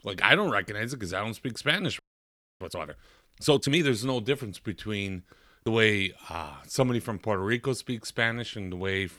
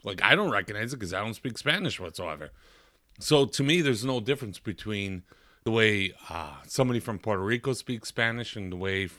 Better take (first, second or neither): second